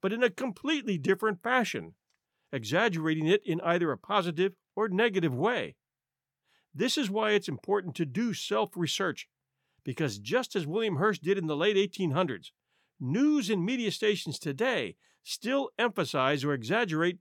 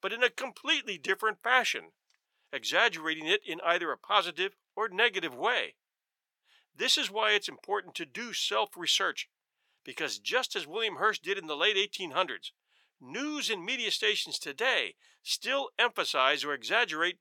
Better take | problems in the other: first | thin; very; fading below 600 Hz

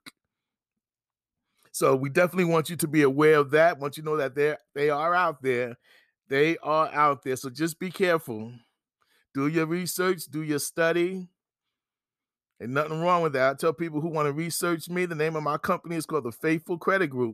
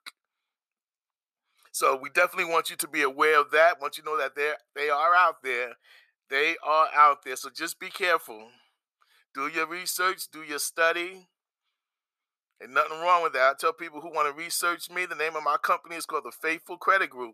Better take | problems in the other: first | thin; very; fading below 750 Hz

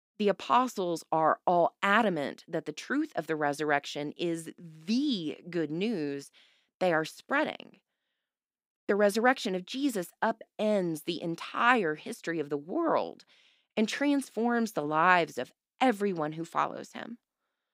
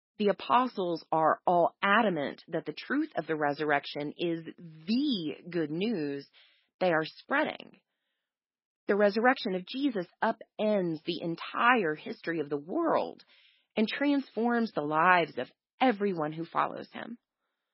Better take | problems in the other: first | garbled, watery; badly; nothing above 5.5 kHz

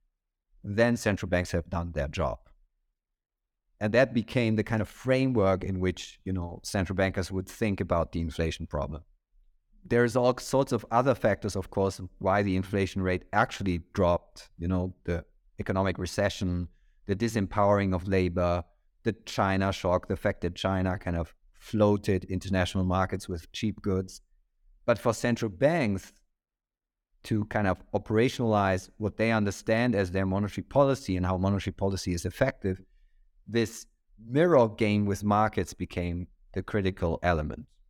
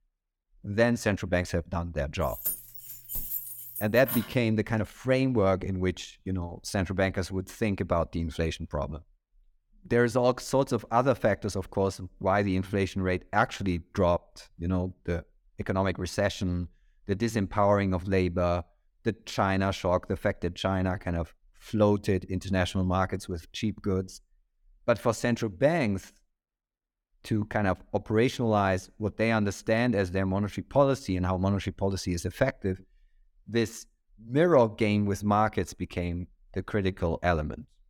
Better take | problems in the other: first | jangling keys; noticeable; from 2.5 to 4.5 s; peak 3 dB below the speech

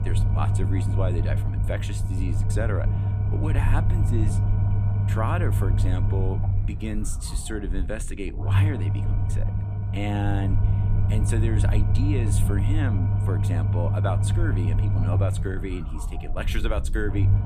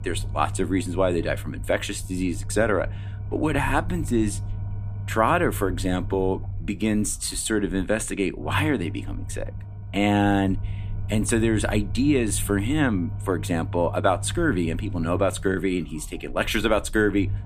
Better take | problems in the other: second | low rumble; loud; throughout; 4 dB below the speech; faint in the second

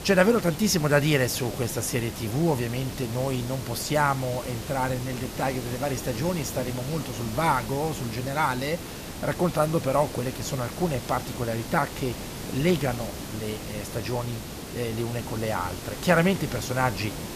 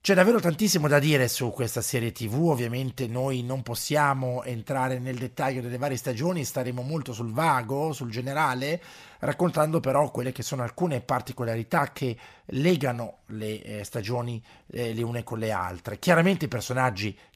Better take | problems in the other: second | hiss; loud; throughout; 9 dB below the speech

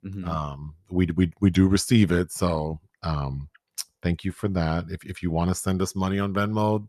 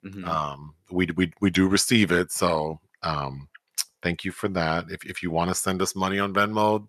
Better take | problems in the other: first | thin; somewhat; fading below 850 Hz

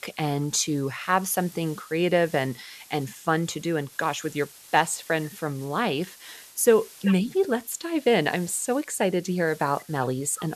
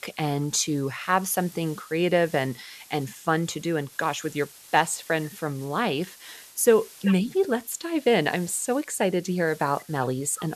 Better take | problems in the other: neither | hiss; faint; throughout; 20 dB below the speech; the same in both

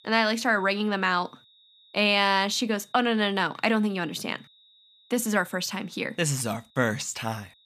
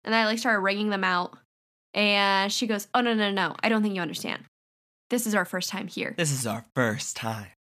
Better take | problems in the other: second | high-pitched whine; faint; throughout; 4 kHz, 30 dB below the speech

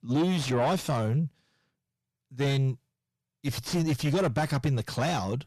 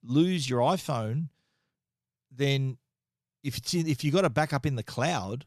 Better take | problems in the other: second | distortion; heavy; 7 dB below the speech

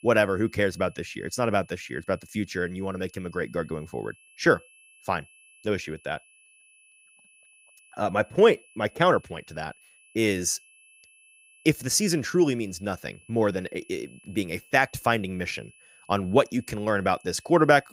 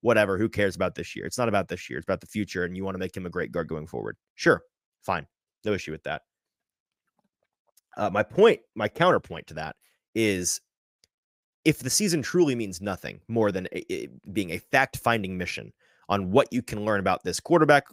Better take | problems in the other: second | high-pitched whine; faint; throughout; 2.5 kHz, 30 dB below the speech

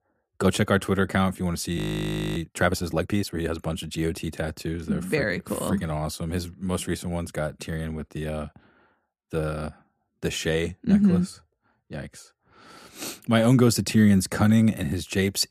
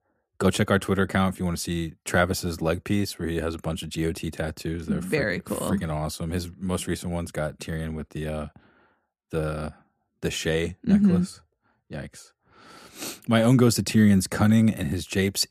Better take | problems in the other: second | audio freezing; at 2 s for 0.5 s

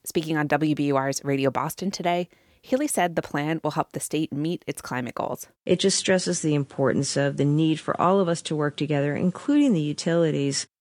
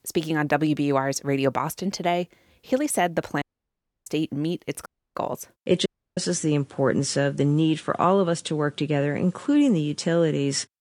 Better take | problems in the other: first | audio cutting out; at 3.5 s for 0.5 s, at 5 s and at 6 s

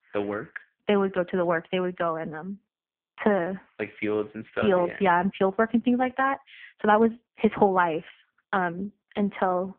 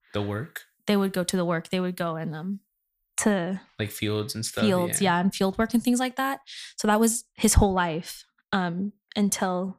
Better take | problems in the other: second | phone-call audio; poor line

